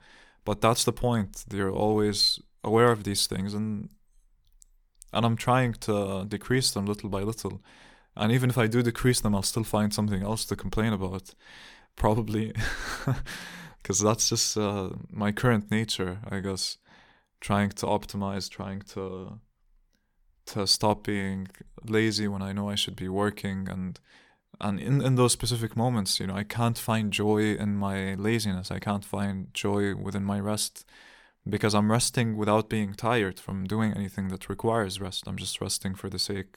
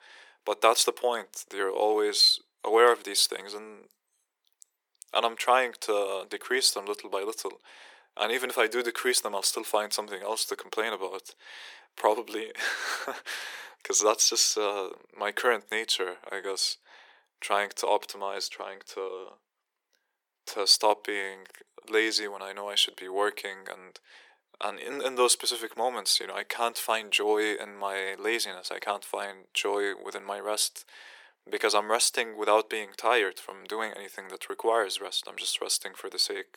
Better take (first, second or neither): first